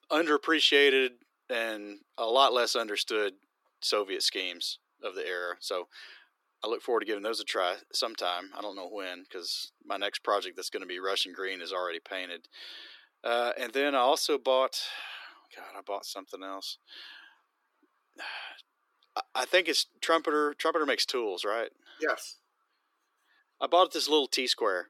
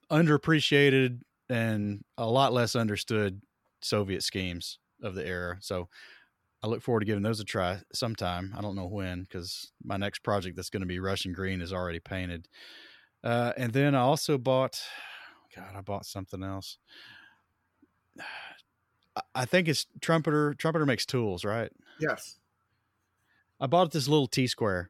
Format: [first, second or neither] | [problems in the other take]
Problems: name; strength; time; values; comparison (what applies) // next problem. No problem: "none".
second | thin; very; fading below 300 Hz